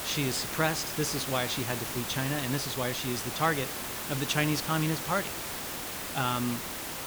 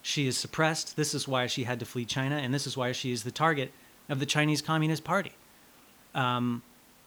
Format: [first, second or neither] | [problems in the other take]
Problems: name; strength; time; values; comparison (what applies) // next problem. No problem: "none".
second | hiss; loud; throughout; 2 dB below the speech; faint in the second